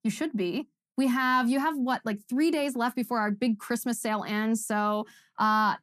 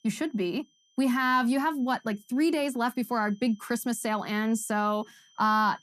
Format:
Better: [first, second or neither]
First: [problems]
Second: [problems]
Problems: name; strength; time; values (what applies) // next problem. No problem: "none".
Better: first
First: none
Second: high-pitched whine; faint; throughout; 3 kHz, 30 dB below the speech